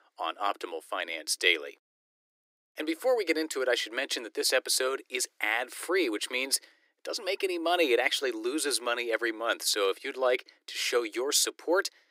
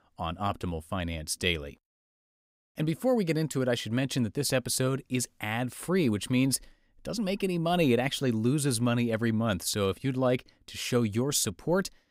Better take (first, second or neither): second